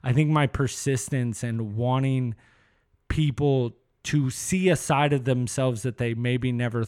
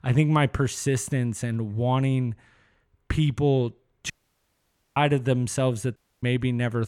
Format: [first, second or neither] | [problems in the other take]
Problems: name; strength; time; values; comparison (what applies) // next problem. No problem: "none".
first | audio cutting out; at 4 s for 1 s and at 6 s